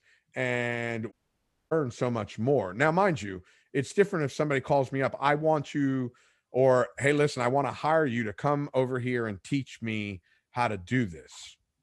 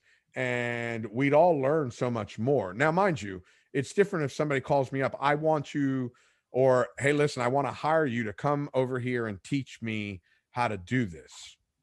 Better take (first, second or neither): second